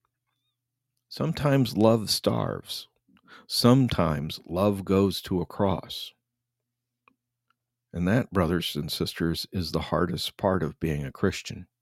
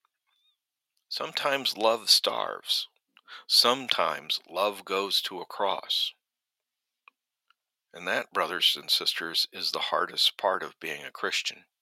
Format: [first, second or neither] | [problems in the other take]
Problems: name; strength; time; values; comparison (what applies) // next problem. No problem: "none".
first | thin; very; fading below 750 Hz